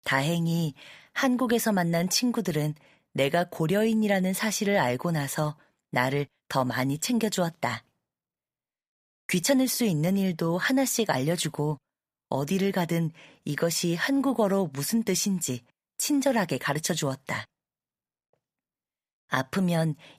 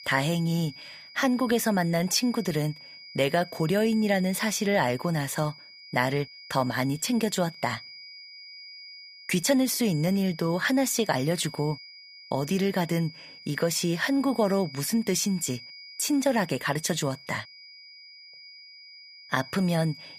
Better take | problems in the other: first | high-pitched whine; noticeable; throughout; 5 kHz, 15 dB below the speech

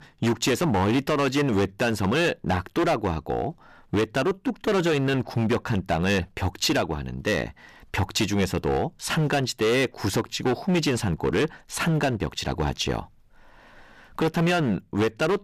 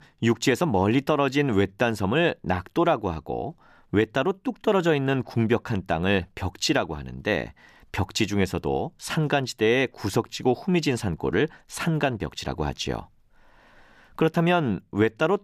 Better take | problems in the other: second | distortion; heavy; 13% of the sound clipped

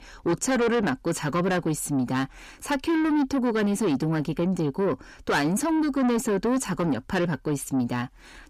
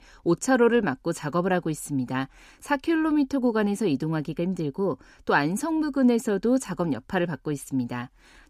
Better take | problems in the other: second | distortion; heavy; 7 dB below the speech

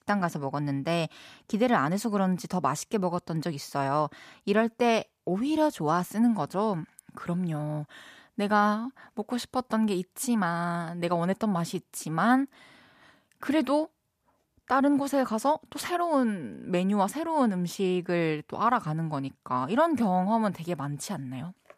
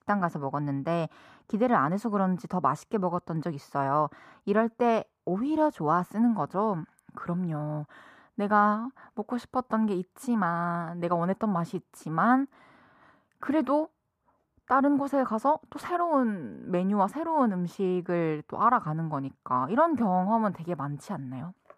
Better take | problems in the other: first | muffled; slightly; fading above 2 kHz

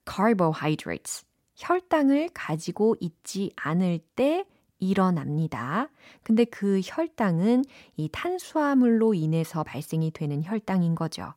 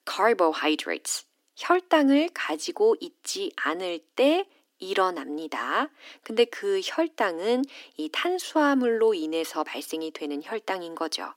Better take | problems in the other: first | thin; somewhat; fading below 300 Hz

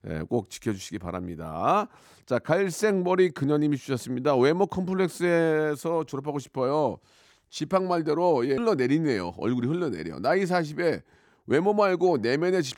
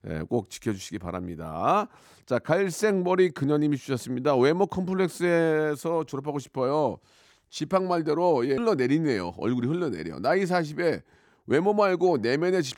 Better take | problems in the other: neither | none

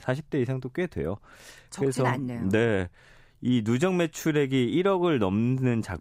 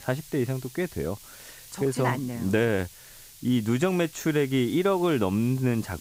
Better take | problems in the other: first | hiss; noticeable; throughout; 20 dB below the speech

